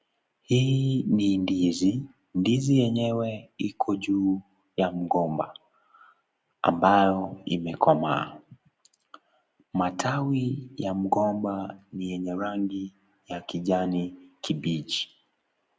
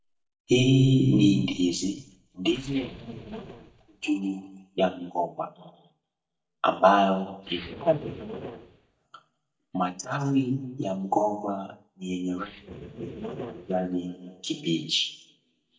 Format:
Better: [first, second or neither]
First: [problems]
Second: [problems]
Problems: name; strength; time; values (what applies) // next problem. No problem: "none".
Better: first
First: none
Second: noise reduction (neural mask model DeepFilterNet 3)